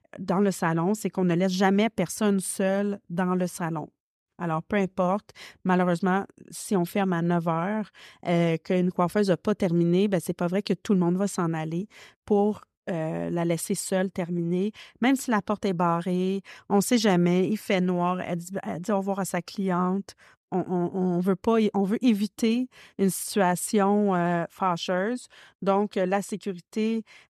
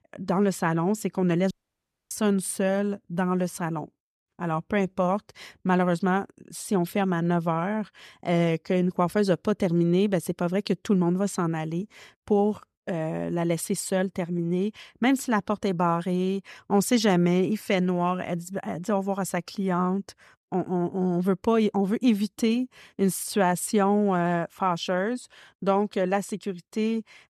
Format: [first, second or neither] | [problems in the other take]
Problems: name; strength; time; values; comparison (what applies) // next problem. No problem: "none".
first | audio cutting out; at 1.5 s for 0.5 s